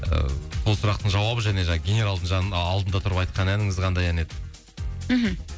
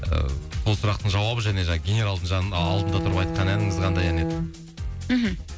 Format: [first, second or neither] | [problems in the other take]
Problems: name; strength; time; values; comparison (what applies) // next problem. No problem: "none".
first | background sound (Bowed string instrument); 4 dB below the speech